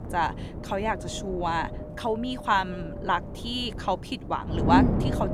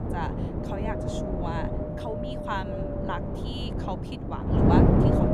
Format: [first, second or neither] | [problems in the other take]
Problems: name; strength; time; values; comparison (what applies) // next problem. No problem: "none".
first | wind noise on the microphone; heavy; 3 dB above the speech; occasional gusts in the first